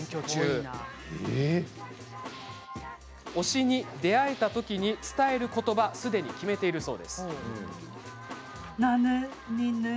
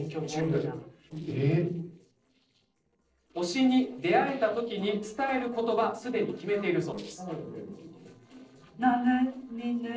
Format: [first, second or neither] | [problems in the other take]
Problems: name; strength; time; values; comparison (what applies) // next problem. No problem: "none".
first | noise reduction (neural separator model SepFormer DNS4)